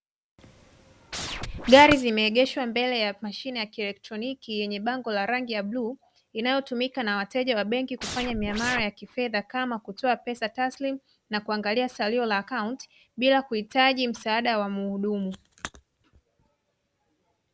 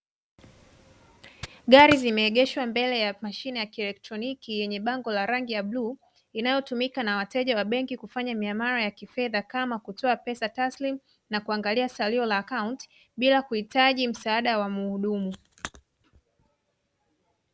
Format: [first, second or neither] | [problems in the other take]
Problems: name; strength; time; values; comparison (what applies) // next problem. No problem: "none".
second | background sound (Scratching (performance technique)); 7 dB below the speech